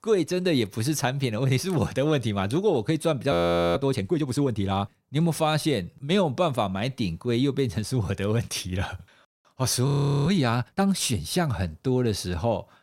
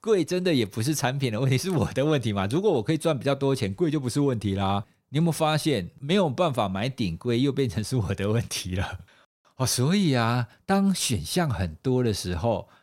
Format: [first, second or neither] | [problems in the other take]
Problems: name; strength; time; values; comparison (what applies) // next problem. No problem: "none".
second | audio freezing; at 3.5 s and at 10 s